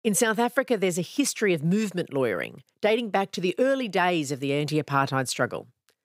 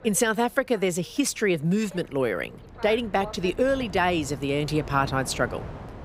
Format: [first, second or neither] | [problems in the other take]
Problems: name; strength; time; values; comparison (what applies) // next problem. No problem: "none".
first | train or aircraft noise; noticeable; throughout; 15 dB below the speech